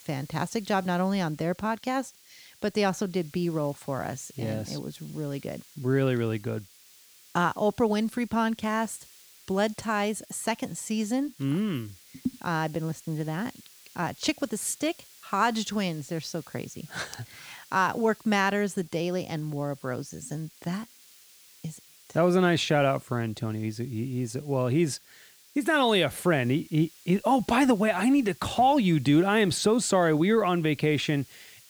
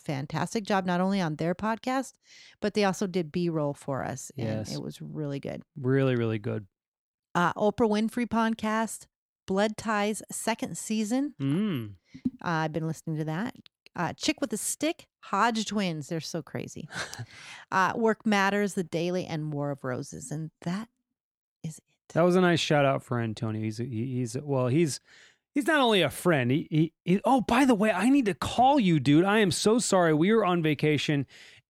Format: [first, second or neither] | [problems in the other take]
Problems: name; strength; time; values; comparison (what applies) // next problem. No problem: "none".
second | hiss; faint; throughout; 25 dB below the speech